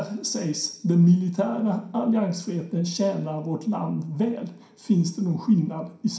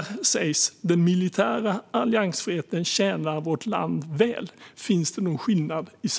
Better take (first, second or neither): second